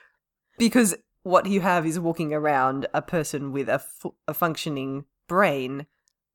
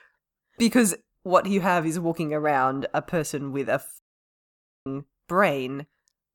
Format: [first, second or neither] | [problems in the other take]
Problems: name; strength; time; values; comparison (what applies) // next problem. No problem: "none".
first | audio cutting out; at 4 s for 1 s